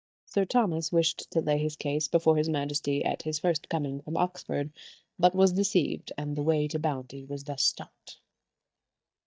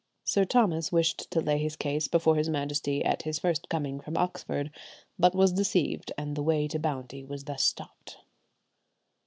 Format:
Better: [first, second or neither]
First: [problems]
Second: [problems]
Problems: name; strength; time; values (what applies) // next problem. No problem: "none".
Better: second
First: noise reduction (neural mask model DeepFilterNet 3)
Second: none